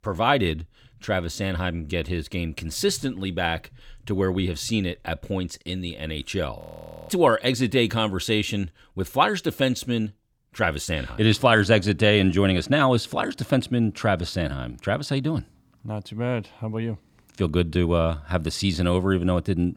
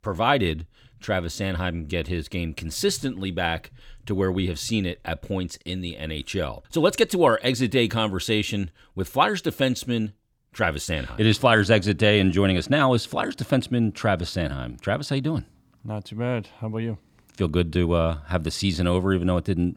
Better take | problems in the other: second | audio freezing; at 6.5 s for 0.5 s

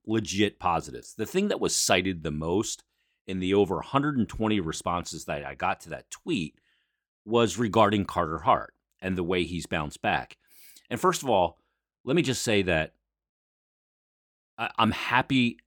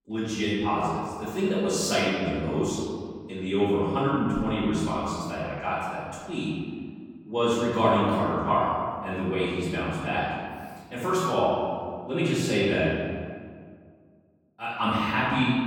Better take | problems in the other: first | off-mic speech; far // room echo; strong; dies away in 1.9 s

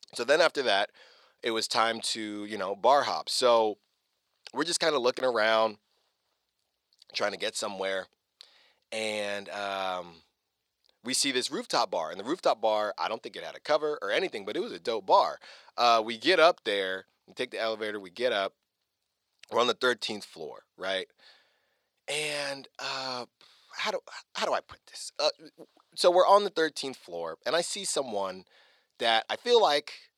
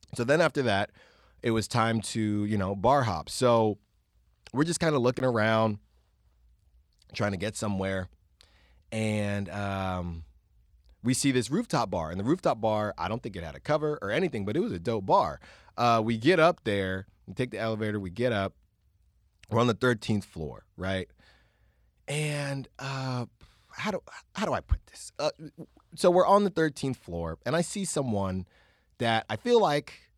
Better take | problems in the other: second | thin; somewhat; fading below 500 Hz

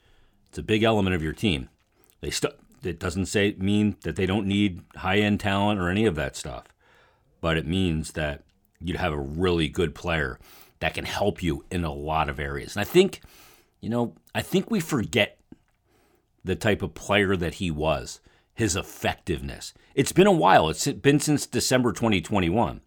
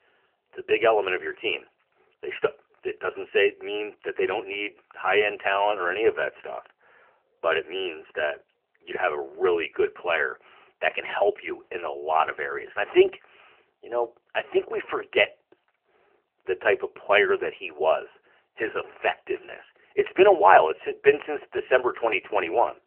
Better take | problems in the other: first | phone-call audio; nothing above 3 kHz

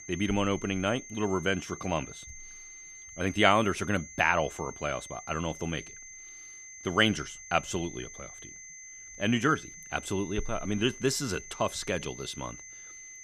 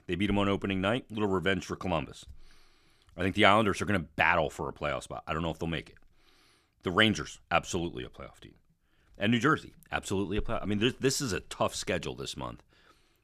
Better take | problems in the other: second | high-pitched whine; noticeable; throughout; 6.5 kHz, 15 dB below the speech

